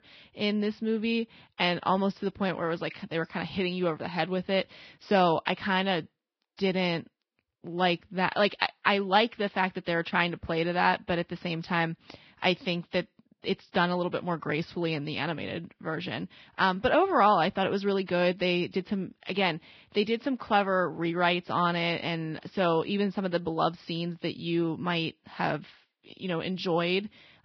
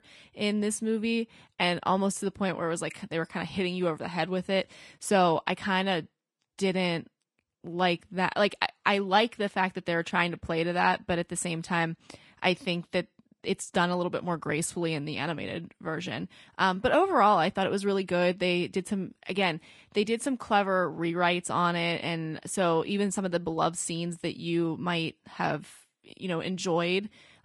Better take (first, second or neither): second